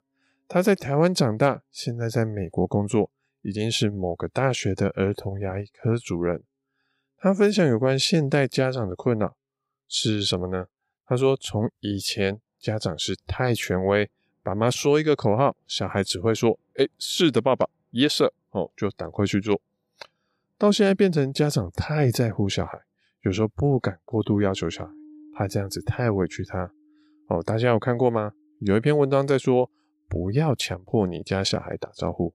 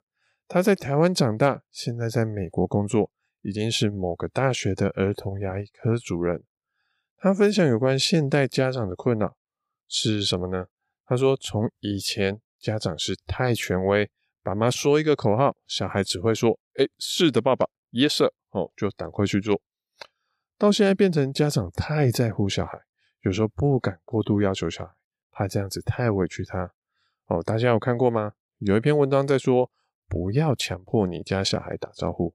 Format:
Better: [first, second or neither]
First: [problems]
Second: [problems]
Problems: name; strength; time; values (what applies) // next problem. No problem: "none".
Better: second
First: background music; faint; throughout; 25 dB below the speech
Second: none